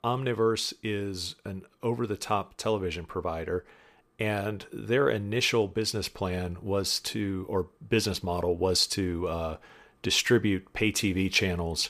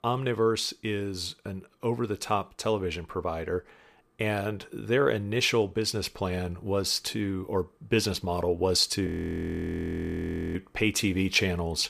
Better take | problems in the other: first | audio freezing; at 9 s for 1.5 s

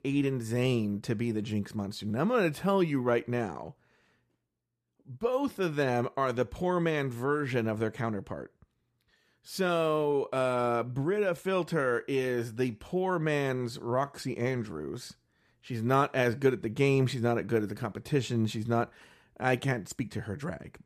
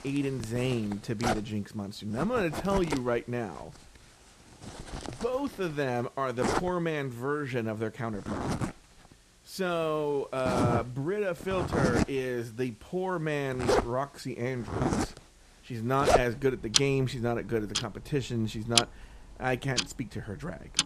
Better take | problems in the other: first | household noises; very loud; throughout; 1 dB above the speech

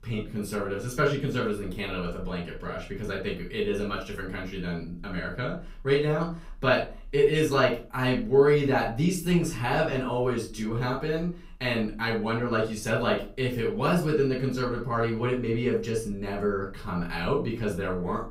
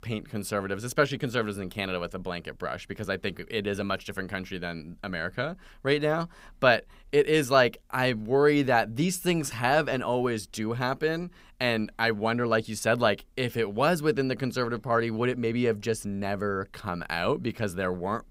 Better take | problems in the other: second | off-mic speech; far // room echo; slight; dies away in 0.3 s

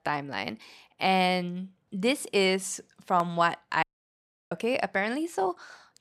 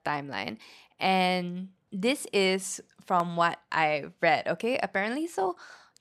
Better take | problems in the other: second | audio cutting out; at 4 s for 0.5 s

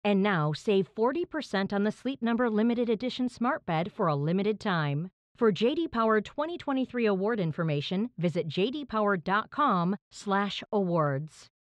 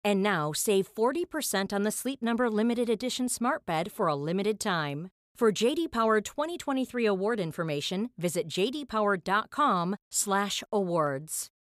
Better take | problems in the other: second | muffled; slightly; fading above 4 kHz

